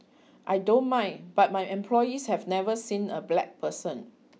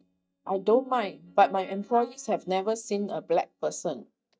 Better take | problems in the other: first | noise reduction (neural mask model DeepFilterNet 3)

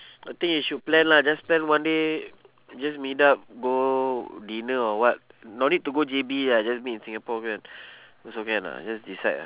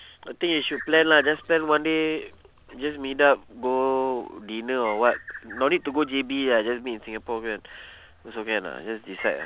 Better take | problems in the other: first | background sound (Bird); 19 dB below the speech

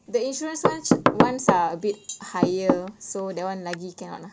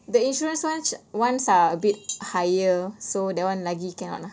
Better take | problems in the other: second | background sound (Knock / Wood); 2 dB above the speech

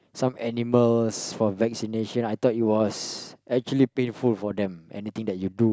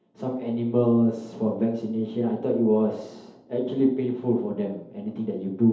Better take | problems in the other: first | room echo; dies away in 2.2 s

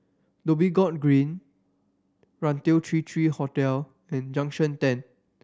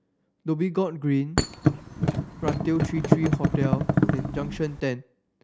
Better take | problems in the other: first | background sound (Thump, thud); 4 dB above the speech

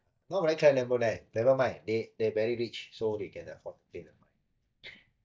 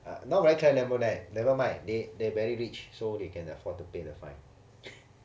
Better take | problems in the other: second | noise reduction (neural mask model DeepFilterNet 3)

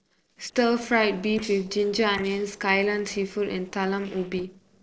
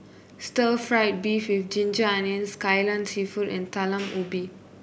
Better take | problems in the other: second | noise reduction (neural separator model SepFormer DNS4)

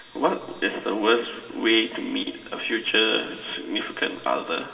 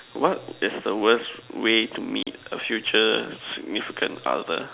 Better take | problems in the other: second | room echo; dies away in 2.6 s

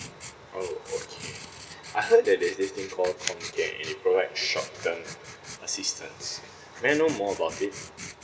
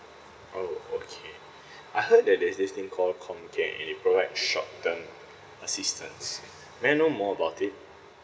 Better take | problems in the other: second | background sound (Writing); 14 dB below the speech

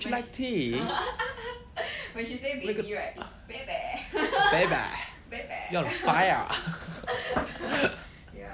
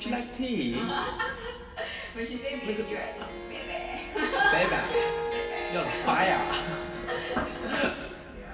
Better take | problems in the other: first | background sound (Harp); 7 dB below the speech // room echo; dies away in 2.3 s

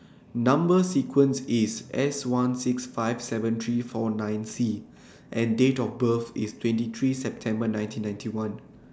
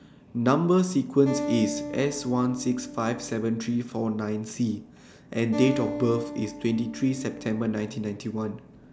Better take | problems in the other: first | background sound (Acoustic guitar); 11 dB below the speech

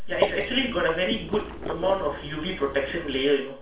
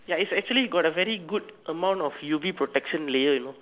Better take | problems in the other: second | background sound (Water / Liquid); 6 dB below the speech // room echo; dies away in 0.4 s

